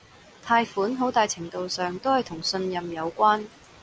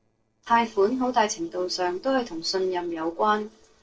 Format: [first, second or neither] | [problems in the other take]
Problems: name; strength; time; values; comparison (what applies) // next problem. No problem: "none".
first | noise reduction (neural separator model SepFormer DNS4)